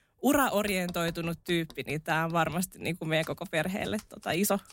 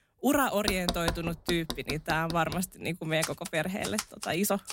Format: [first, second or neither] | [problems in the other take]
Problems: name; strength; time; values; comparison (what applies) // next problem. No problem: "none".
first | household noises; loud; throughout; 6 dB below the speech; faint in the first